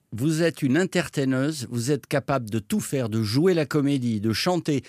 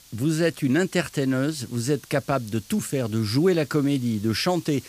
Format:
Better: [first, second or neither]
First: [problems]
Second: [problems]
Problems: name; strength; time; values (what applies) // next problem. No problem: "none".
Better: first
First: none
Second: hiss; faint; throughout; 25 dB below the speech